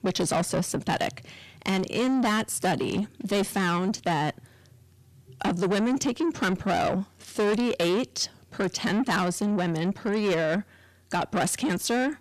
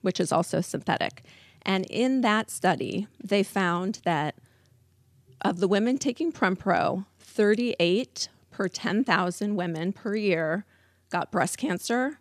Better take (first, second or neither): second